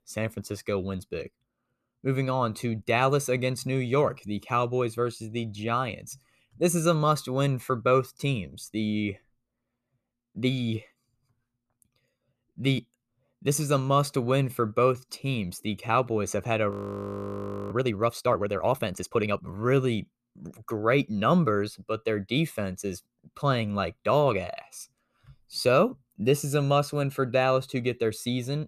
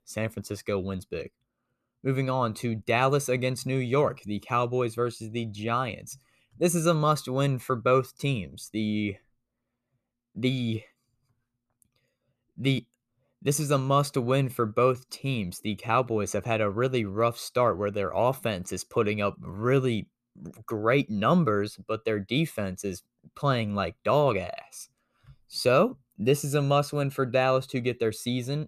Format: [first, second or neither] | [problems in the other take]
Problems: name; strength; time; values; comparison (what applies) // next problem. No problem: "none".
second | audio freezing; at 17 s for 1 s